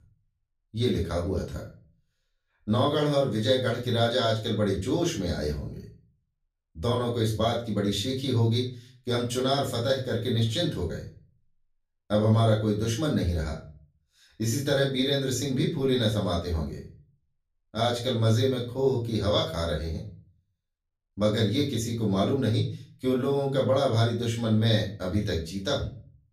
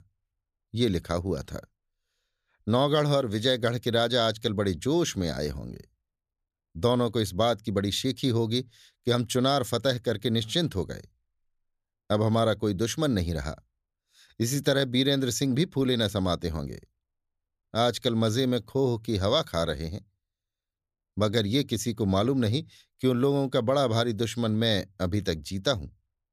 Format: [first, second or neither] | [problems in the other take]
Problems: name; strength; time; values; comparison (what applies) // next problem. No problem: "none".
second | room echo; slight; dies away in 0.3 s // off-mic speech; far